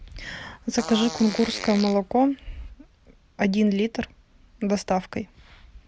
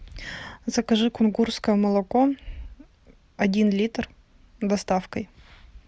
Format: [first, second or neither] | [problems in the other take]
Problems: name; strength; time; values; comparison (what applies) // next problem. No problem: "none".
second | background sound (Fart); 12 dB below the speech